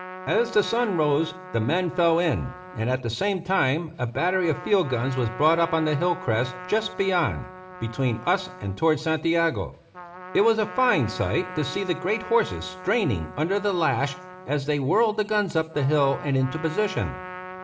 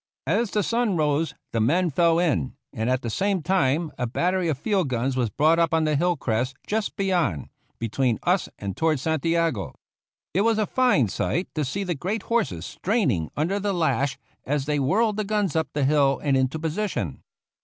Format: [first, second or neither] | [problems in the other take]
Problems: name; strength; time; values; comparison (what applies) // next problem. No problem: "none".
second | background sound (Trumpet); 15 dB below the speech // room echo; dies away in 0.7 s